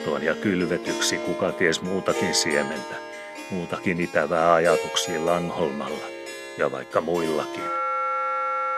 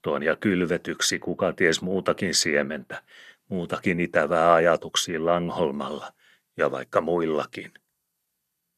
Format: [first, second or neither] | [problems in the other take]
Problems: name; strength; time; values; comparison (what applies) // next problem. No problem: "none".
second | background music; loud; throughout; 6 dB below the speech